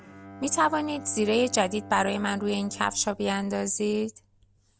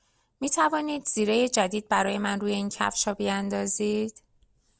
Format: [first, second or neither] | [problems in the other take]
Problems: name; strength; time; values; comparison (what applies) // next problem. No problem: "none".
second | background sound (Bowed string instrument); 18 dB below the speech